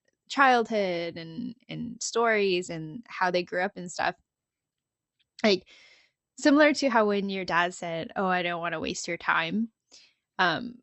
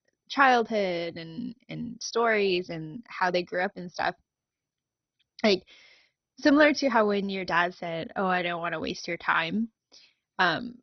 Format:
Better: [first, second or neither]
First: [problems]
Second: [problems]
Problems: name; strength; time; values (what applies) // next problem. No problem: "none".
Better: first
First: garbled, watery; slightly; nothing above 8 kHz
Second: garbled, watery; badly; nothing above 6 kHz